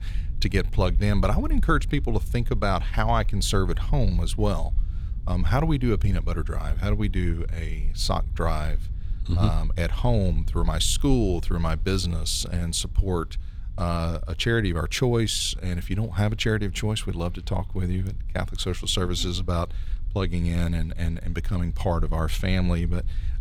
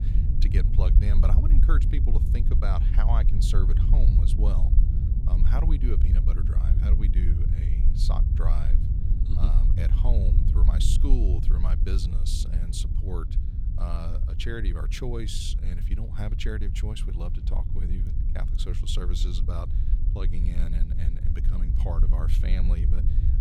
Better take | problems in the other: first | low rumble; loud; throughout; 4 dB below the speech; faint in the first

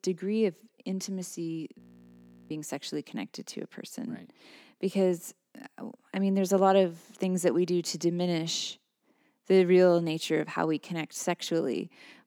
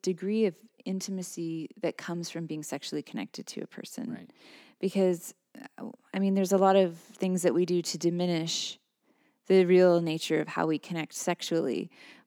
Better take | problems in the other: second | audio freezing; at 2 s for 0.5 s

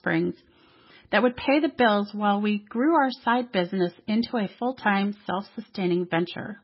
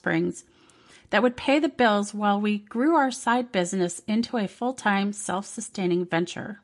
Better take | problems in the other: second | garbled, watery; badly; nothing above 5.5 kHz; slightly in the second

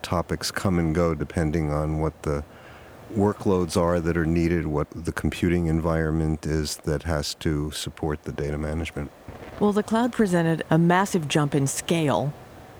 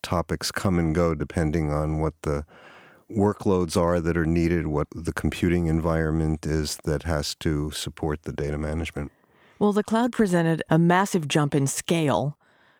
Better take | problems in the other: second | hiss; faint; throughout; 25 dB below the speech

